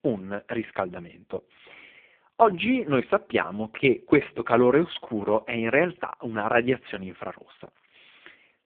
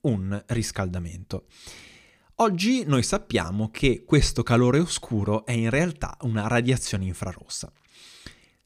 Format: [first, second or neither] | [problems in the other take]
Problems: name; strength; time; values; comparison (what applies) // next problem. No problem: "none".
second | phone-call audio; poor line